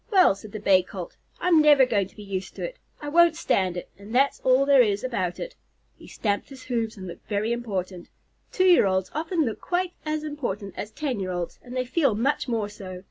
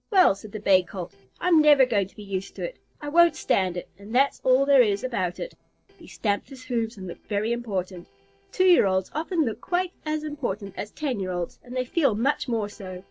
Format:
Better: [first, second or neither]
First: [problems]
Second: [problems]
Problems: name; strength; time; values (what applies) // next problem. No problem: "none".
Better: first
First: none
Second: noise reduction (neural separator model SepFormer DNS4)